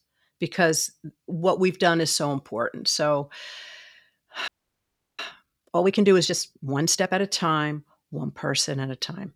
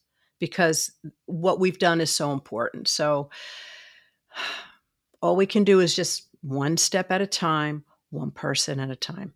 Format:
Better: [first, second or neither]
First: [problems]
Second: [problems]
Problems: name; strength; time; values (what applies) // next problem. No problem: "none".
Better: second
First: audio freezing; at 4.5 s for 0.5 s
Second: none